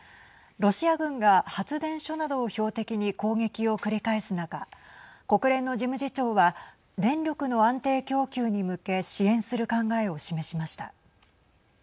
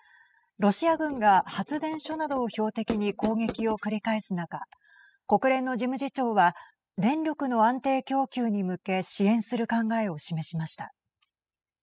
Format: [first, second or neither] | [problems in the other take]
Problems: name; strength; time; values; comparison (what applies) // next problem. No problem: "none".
first | noise reduction (classical method spectral subtraction)